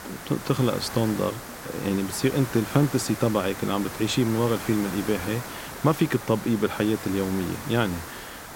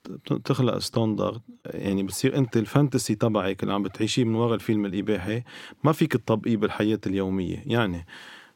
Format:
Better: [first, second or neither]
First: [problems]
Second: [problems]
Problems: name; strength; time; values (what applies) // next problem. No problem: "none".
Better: second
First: hiss; noticeable; throughout; 10 dB below the speech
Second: none